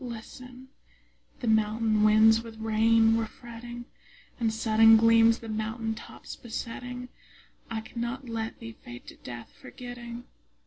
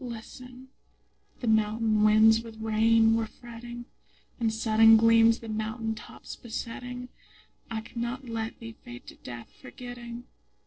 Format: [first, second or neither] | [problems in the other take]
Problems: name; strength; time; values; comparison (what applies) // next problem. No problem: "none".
first | noise reduction (neural separator model SepFormer DNS4)